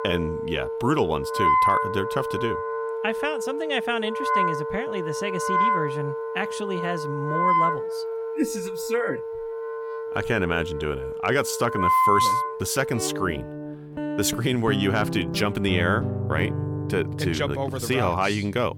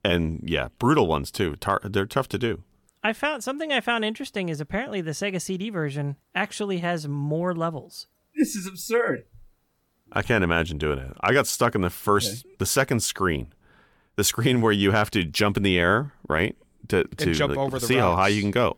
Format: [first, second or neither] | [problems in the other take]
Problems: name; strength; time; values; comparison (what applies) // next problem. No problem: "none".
second | background music; very loud; throughout; as loud as the speech